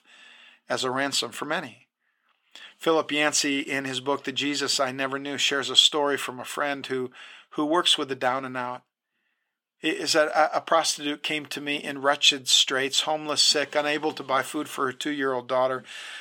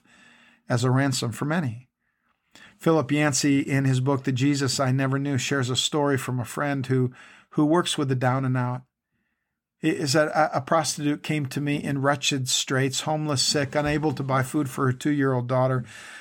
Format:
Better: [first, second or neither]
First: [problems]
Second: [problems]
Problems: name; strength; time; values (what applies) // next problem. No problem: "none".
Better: second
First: thin; somewhat; fading below 450 Hz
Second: none